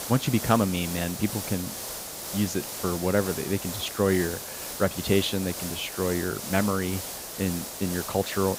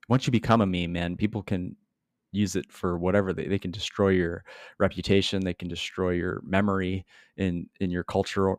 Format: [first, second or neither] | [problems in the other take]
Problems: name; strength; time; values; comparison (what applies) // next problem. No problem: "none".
second | hiss; loud; throughout; 6 dB below the speech